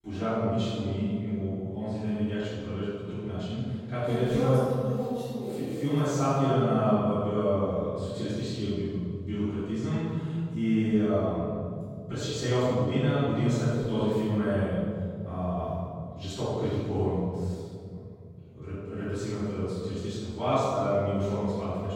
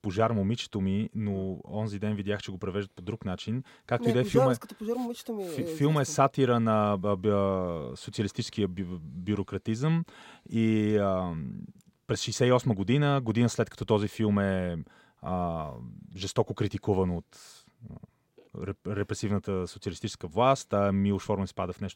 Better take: second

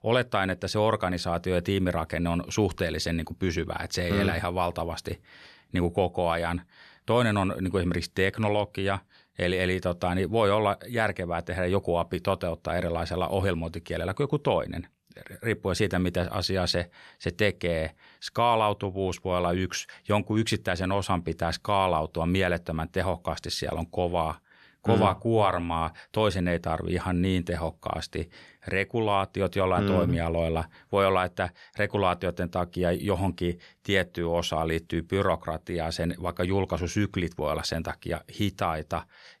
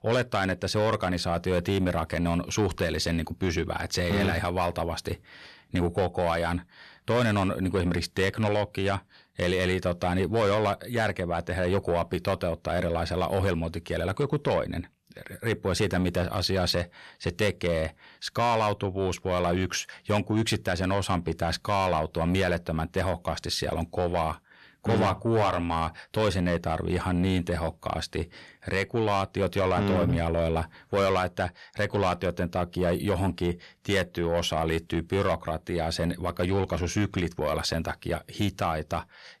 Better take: first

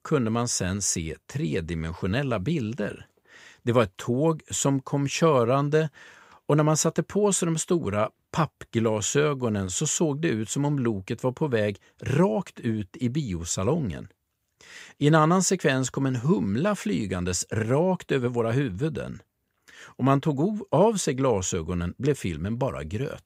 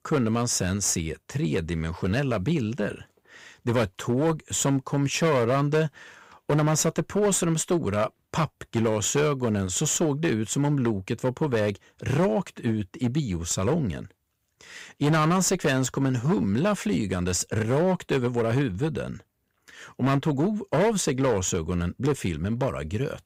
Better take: first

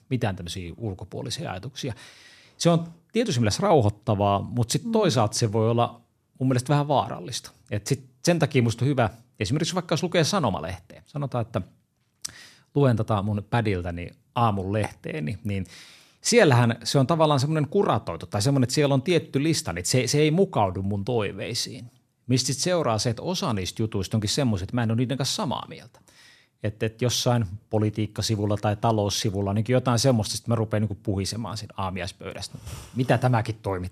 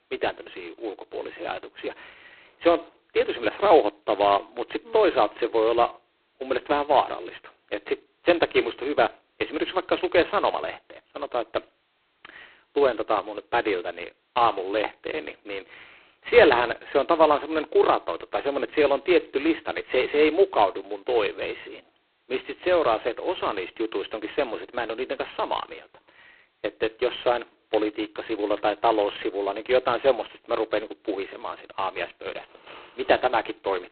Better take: first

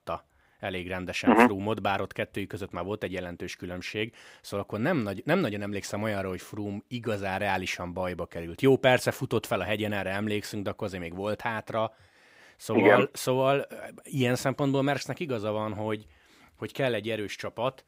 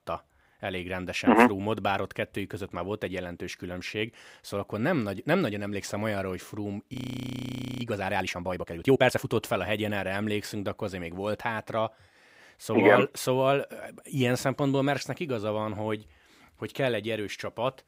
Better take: first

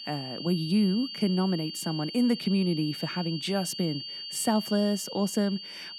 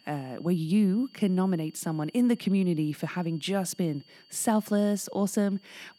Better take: second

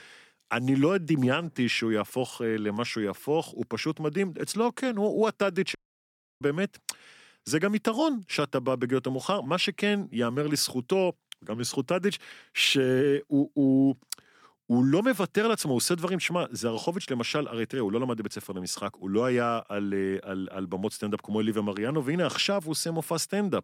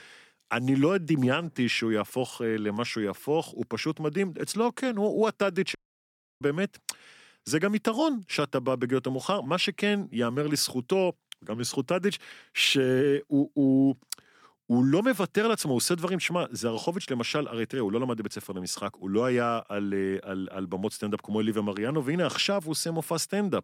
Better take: neither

